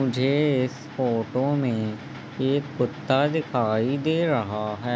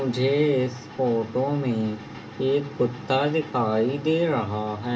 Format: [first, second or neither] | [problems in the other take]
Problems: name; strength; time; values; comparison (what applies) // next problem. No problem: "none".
first | room echo; dies away in 0.3 s